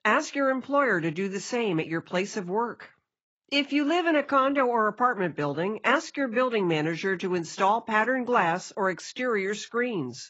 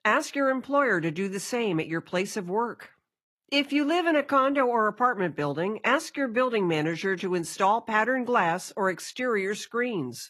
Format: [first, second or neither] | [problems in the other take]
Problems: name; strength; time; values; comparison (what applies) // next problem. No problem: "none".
second | garbled, watery; badly; nothing above 7.5 kHz; slightly in the second